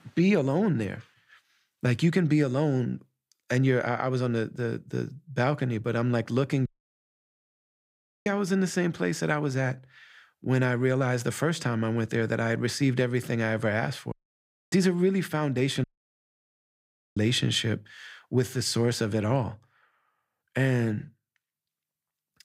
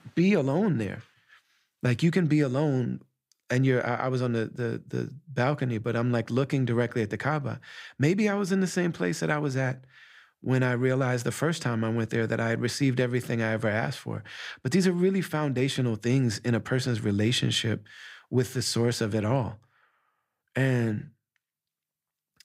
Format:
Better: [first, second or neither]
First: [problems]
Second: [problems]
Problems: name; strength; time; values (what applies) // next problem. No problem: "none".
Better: second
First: audio cutting out; at 6.5 s for 1.5 s, at 14 s for 0.5 s and at 16 s for 1.5 s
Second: none